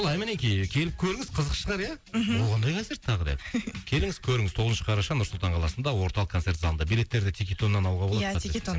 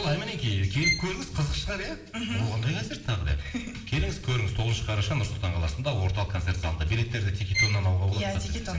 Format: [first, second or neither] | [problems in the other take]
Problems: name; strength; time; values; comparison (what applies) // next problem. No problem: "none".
first | background sound (Bowed string instrument); 5 dB below the speech // room echo; dies away in 1.9 s